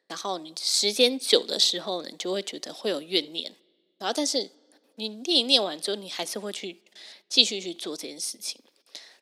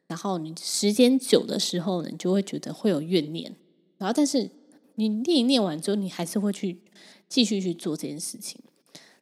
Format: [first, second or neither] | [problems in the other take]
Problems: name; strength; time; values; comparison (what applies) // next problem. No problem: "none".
second | thin; somewhat; fading below 500 Hz